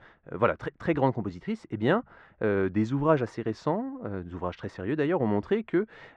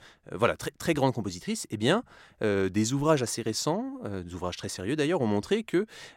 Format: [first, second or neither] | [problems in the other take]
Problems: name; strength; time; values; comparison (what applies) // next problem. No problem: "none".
second | muffled; very; fading above 1.5 kHz